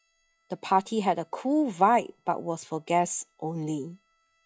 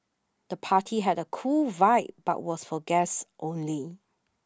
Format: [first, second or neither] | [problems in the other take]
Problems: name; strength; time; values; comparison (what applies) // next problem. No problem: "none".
second | noise reduction (classical method log-MMSE)